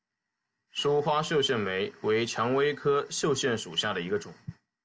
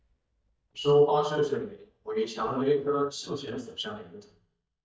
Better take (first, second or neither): first